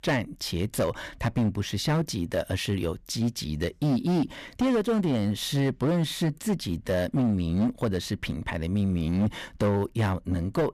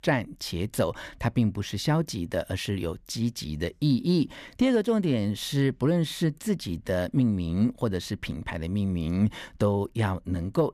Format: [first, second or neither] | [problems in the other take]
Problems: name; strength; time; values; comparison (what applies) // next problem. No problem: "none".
second | distortion; slight; 10% of the sound clipped